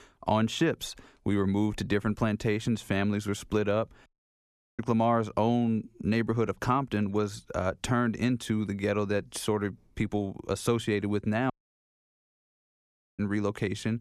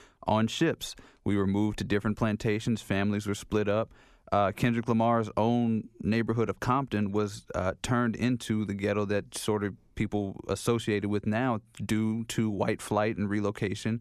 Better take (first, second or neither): second